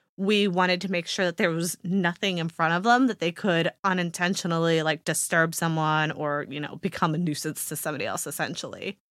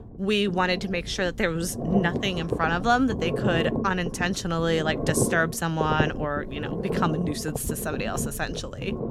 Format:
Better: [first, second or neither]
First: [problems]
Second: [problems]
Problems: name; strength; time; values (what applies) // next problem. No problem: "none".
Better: first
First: none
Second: low rumble; loud; throughout; 8 dB below the speech